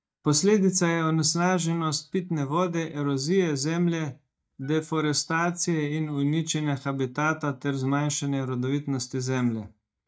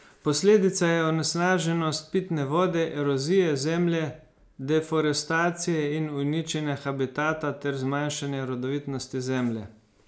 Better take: second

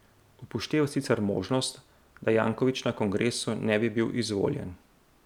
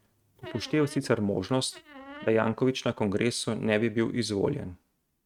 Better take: first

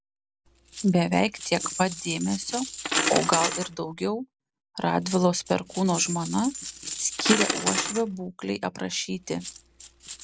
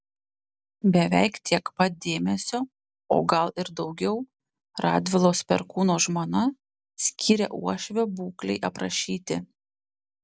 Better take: second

